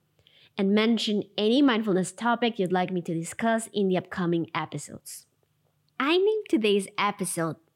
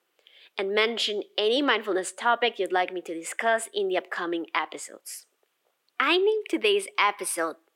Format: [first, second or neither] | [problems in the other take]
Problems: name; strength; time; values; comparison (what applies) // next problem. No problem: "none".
first | thin; very; fading below 350 Hz